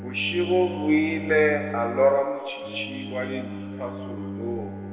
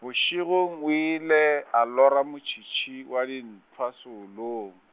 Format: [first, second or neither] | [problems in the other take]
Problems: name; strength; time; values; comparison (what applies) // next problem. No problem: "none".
second | background sound (Bowed string instrument); 9 dB below the speech // room echo; dies away in 2.4 s